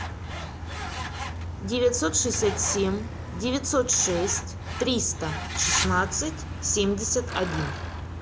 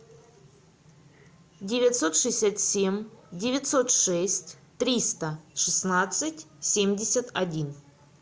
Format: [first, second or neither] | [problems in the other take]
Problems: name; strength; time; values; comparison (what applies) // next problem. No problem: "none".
second | background sound (Truck); 5 dB below the speech